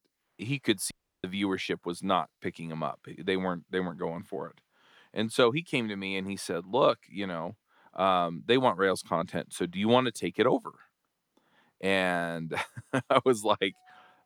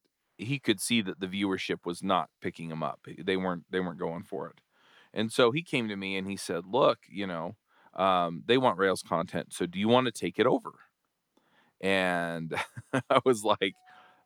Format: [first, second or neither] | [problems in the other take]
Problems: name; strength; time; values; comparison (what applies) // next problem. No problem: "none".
second | audio cutting out; at 1 s